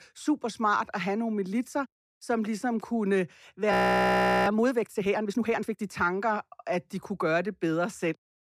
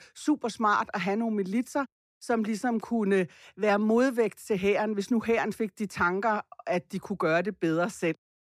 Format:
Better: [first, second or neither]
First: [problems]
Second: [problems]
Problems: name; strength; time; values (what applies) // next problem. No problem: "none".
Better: second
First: audio freezing; at 3.5 s for 0.5 s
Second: none